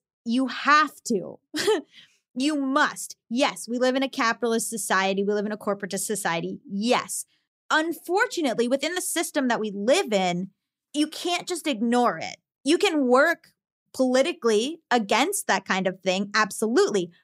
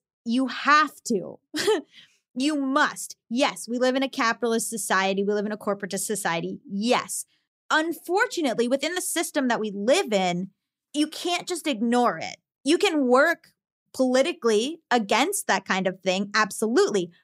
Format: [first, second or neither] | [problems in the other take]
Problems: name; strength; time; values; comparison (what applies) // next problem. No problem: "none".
neither | none